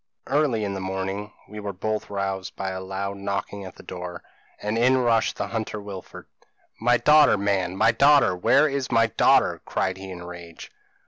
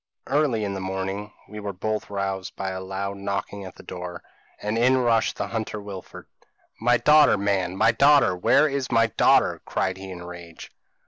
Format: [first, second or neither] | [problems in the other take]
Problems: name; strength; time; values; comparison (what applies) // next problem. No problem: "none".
first | noise reduction (neural mask model Resemble Enhance denoiser)